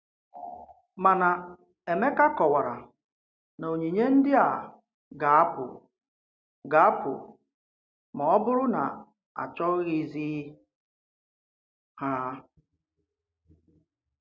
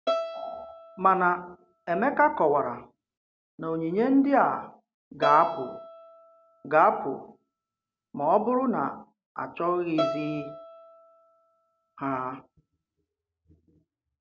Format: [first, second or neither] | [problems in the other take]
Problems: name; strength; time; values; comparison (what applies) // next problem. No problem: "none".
first | background sound (Bowed string instrument); 9 dB below the speech